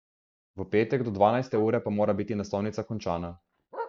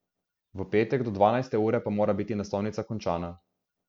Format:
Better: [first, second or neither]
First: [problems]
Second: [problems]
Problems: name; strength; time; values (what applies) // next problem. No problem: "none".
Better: second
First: noise reduction (neural mask model DeepFilterNet 3)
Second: none